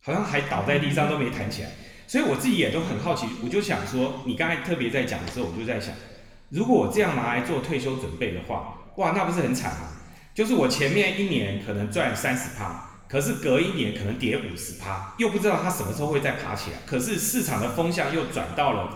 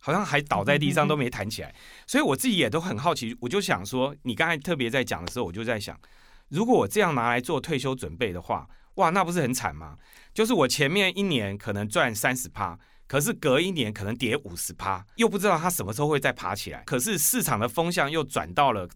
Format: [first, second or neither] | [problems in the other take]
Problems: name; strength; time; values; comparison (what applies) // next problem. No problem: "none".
second | room echo; noticeable; dies away in 1.2 s // off-mic speech; somewhat distant